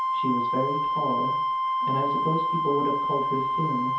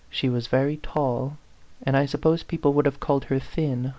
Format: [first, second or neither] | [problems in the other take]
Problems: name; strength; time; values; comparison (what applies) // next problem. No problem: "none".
second | background sound (Wind instrument, woodwind instrument); 5 dB above the speech // room echo; dies away in 0.5 s